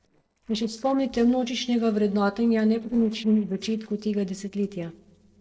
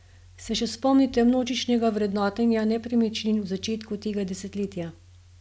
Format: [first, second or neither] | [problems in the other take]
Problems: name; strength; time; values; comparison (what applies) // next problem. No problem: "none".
second | noise reduction (neural separator model SepFormer DNS4)